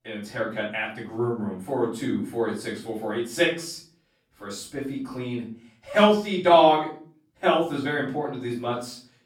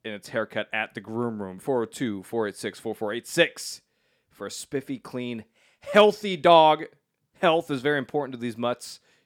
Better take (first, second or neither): second